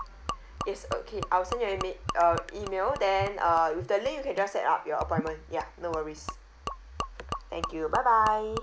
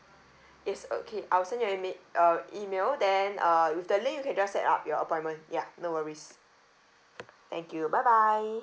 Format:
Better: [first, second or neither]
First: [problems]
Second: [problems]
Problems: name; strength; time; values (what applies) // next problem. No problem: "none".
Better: second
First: background sound (Gurgling / Liquid); 10 dB below the speech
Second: none